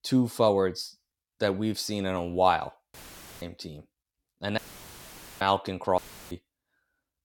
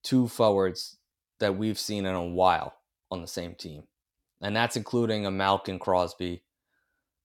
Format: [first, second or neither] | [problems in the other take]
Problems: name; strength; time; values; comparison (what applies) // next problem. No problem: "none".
second | audio cutting out; filled with static; at 3 s, at 4.5 s for 1 s and at 6 s